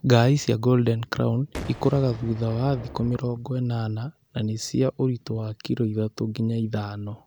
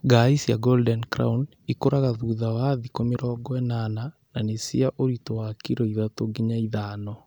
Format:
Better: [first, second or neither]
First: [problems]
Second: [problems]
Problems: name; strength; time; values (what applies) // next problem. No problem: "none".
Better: second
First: background sound (Boom); 14 dB below the speech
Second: none